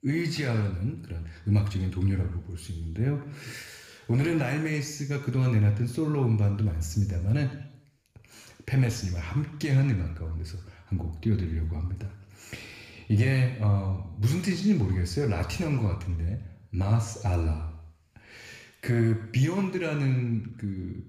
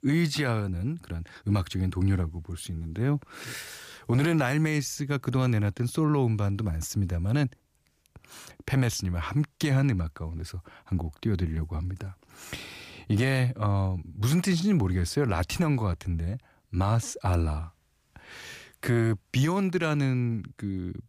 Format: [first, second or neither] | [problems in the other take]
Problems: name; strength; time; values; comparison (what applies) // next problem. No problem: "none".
second | room echo; slight; dies away in 0.8 s